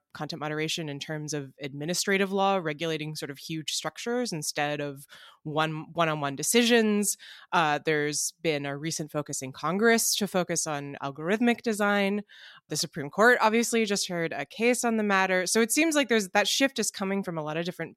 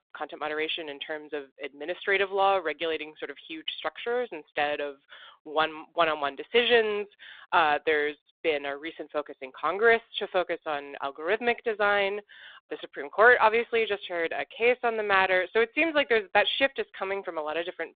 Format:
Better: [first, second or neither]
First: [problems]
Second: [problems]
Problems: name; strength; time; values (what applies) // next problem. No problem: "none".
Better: first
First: none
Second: phone-call audio; nothing above 3.5 kHz